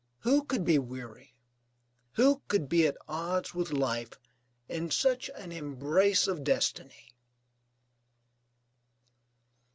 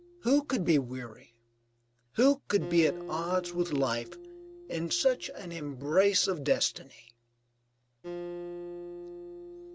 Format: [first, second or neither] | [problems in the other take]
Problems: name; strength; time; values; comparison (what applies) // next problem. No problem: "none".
first | background sound (Acoustic guitar); 13 dB below the speech